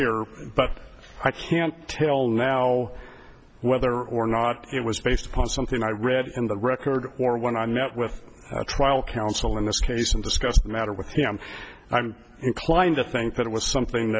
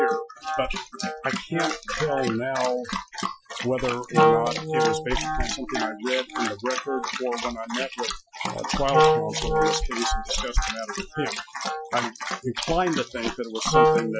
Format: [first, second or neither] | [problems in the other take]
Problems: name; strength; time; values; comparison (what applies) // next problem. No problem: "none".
first | noise reduction (classical method Wiener filter)